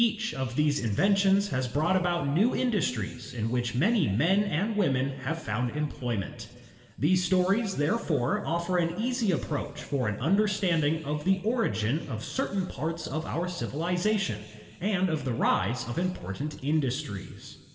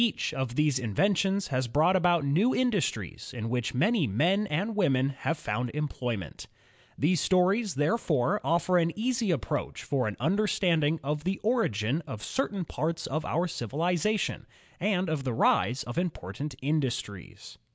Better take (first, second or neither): second